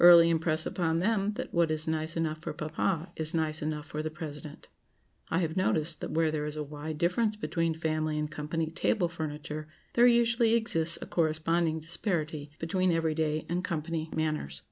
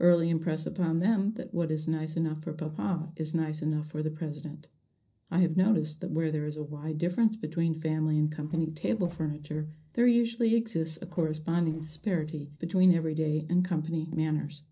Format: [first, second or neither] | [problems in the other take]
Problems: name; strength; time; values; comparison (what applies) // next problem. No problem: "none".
first | noise reduction (neural separator model SepFormer DNS4)